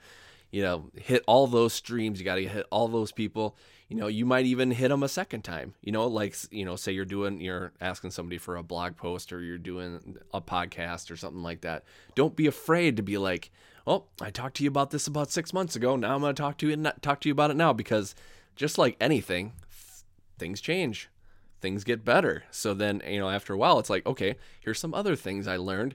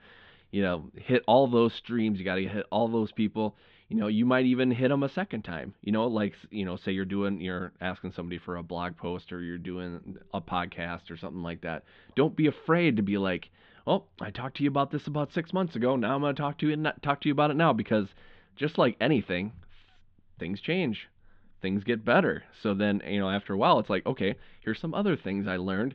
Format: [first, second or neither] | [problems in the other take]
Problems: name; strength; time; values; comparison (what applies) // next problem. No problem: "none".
first | muffled; slightly; fading above 3.5 kHz